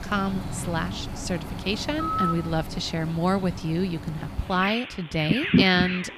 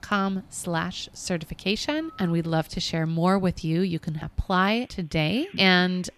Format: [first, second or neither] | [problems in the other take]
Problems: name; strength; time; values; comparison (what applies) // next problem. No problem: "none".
second | animal sounds; loud; throughout; 3 dB below the speech; faint in the second